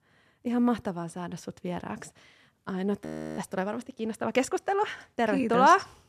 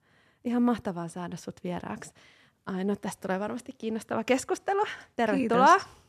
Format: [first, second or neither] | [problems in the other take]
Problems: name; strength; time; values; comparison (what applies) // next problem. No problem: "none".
second | audio freezing; at 3 s